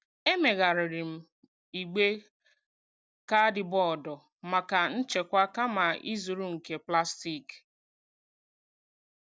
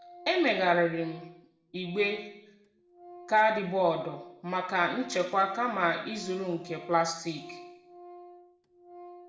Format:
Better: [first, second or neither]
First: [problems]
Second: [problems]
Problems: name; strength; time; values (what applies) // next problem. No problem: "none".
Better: first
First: none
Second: background sound (Organ); 19 dB below the speech // room echo; dies away in 0.7 s